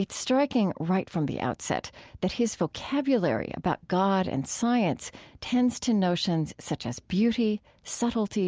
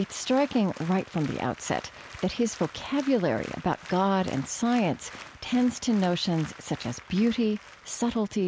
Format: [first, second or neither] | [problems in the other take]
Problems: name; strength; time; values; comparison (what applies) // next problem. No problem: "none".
first | background sound (Applause); 19 dB below the speech